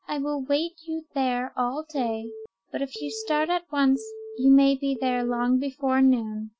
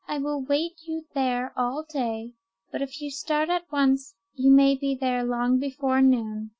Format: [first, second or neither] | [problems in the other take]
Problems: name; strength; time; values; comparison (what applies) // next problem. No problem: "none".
second | background sound (Telephone); 15 dB below the speech